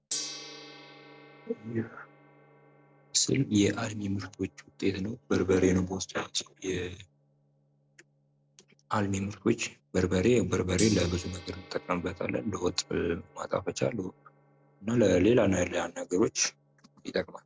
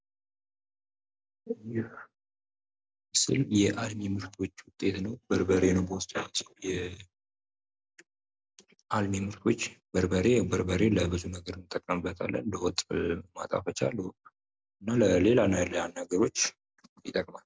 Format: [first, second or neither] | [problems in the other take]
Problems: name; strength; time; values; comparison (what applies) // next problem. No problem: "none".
second | background sound (Gong); 18 dB below the speech